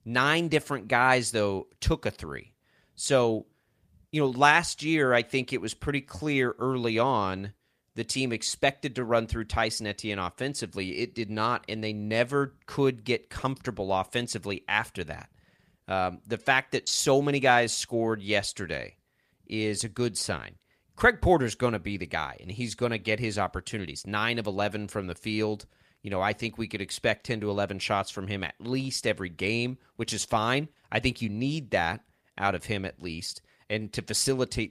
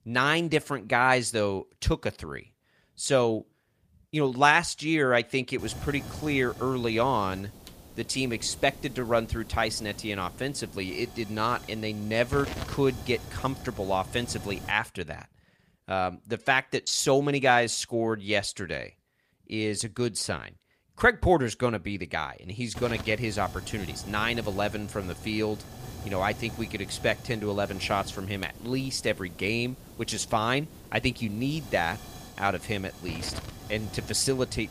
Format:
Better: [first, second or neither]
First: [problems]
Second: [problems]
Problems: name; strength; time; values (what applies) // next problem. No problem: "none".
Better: first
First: none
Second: hiss; noticeable; from 5.5 to 15 s and from 23 s on; 15 dB below the speech